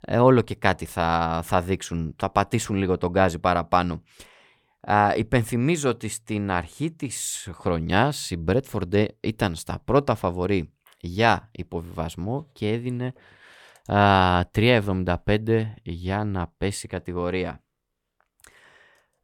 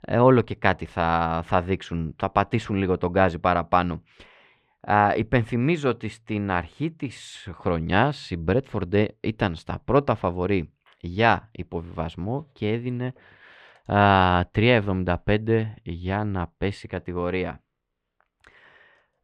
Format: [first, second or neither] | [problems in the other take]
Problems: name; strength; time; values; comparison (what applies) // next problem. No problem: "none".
first | muffled; slightly; fading above 3 kHz